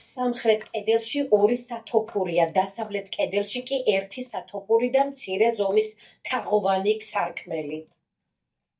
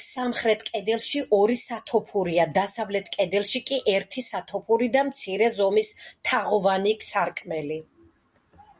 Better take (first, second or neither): second